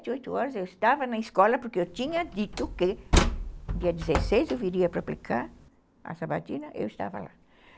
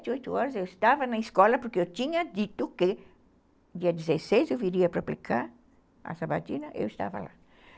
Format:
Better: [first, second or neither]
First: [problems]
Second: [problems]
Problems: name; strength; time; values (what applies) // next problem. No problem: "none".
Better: second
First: background sound (Slam); 2 dB below the speech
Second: none